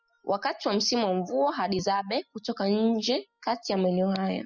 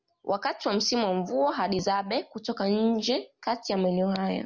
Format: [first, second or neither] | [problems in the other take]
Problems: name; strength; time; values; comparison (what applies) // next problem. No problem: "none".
second | noise reduction (classical method spectral subtraction)